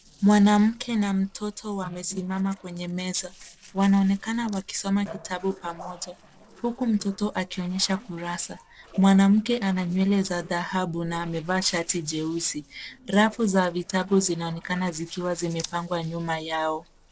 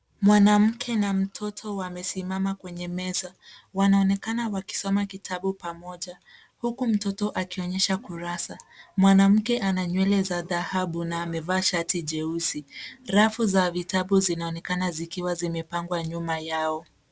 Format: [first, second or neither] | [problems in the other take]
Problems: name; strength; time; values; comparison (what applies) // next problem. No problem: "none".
second | noise reduction (neural separator model SepFormer DNS4)